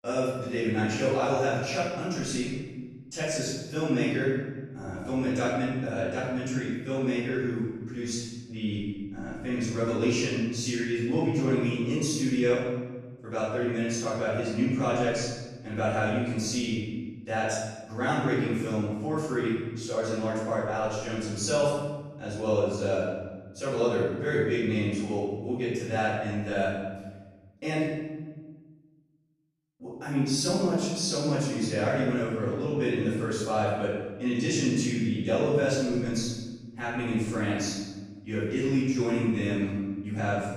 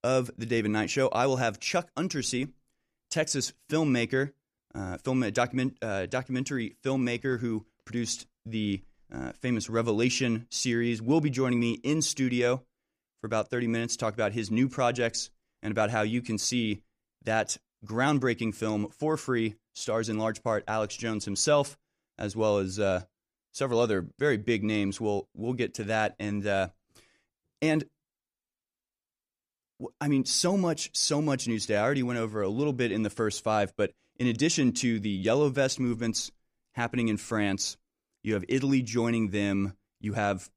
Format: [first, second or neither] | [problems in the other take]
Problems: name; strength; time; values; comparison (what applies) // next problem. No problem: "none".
second | off-mic speech; far // room echo; strong; dies away in 1.2 s